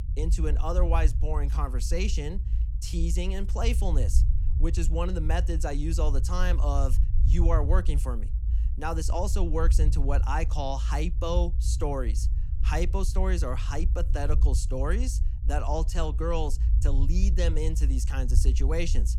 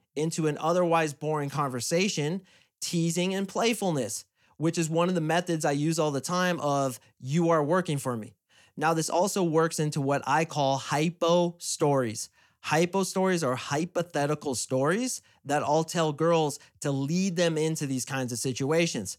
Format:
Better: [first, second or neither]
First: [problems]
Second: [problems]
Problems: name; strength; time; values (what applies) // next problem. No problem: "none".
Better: second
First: low rumble; noticeable; throughout; 15 dB below the speech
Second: none